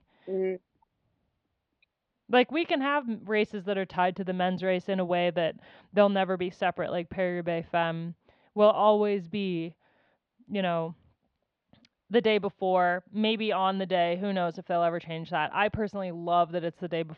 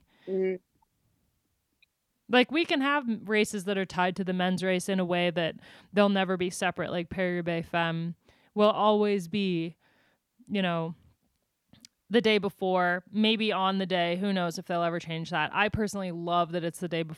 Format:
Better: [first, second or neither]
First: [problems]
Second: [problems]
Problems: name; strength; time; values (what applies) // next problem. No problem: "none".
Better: second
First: muffled; slightly; fading above 4 kHz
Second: none